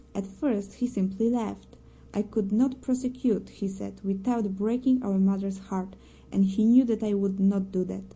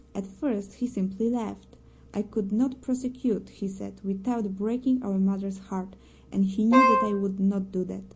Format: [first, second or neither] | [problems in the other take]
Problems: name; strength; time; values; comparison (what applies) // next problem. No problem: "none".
first | background sound (Wind instrument, woodwind instrument); 5 dB above the speech